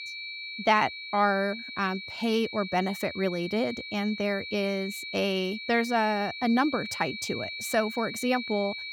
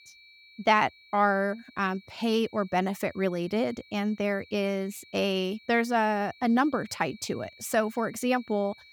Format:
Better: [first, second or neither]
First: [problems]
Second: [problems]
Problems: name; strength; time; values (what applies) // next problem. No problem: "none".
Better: second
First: high-pitched whine; loud; throughout; 2.5 kHz, 8 dB below the speech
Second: high-pitched whine; faint; throughout; 2.5 kHz, 25 dB below the speech